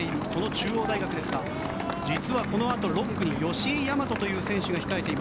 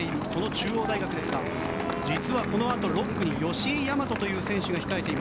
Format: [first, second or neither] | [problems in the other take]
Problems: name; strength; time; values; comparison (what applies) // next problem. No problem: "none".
first | background sound (Wind instrument, woodwind instrument); 12 dB below the speech